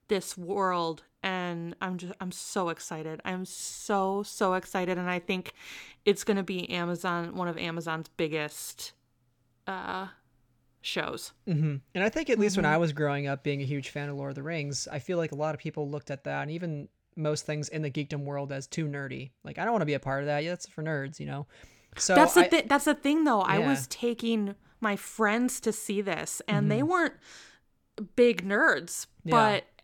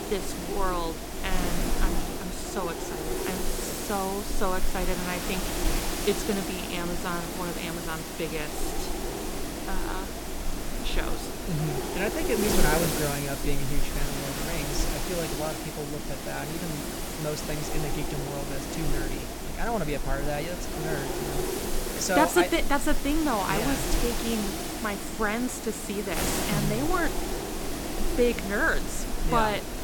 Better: first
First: none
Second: wind noise on the microphone; heavy; 3 dB below the speech

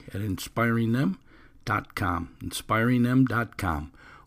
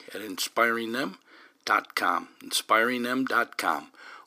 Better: first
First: none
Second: thin; somewhat; fading below 400 Hz

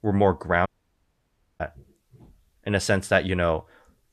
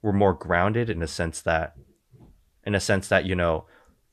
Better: second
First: audio cutting out; at 0.5 s for 1 s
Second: none

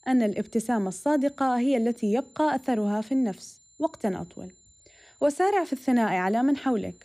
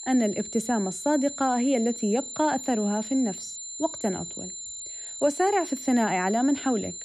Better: first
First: high-pitched whine; faint; throughout; 7 kHz, 30 dB below the speech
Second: high-pitched whine; loud; throughout; 7 kHz, 9 dB below the speech

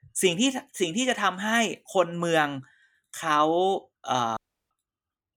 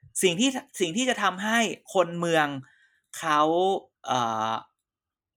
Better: second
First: audio cutting out; at 4.5 s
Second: none

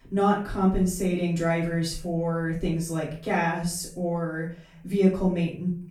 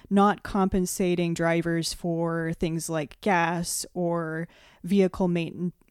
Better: second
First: off-mic speech; far // room echo; noticeable; dies away in 0.4 s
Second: none

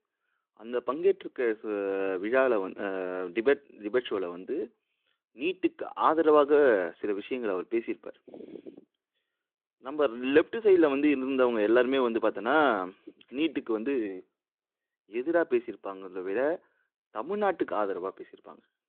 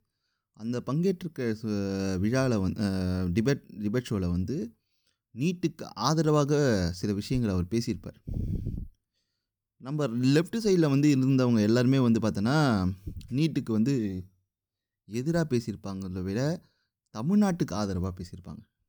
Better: second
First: phone-call audio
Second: none

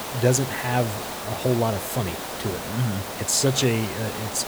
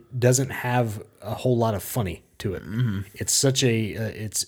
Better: second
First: hiss; loud; throughout; 7 dB below the speech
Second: none

